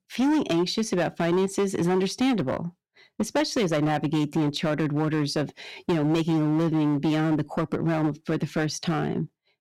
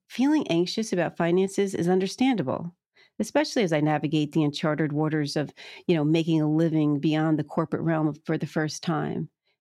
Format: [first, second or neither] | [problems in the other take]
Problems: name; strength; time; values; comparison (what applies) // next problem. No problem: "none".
second | distortion; slight; 15% of the sound clipped